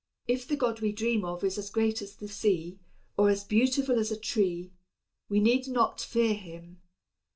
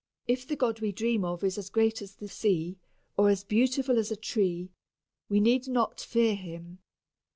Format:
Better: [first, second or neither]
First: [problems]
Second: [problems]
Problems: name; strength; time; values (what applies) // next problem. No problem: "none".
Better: second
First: room echo; dies away in 0.2 s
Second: none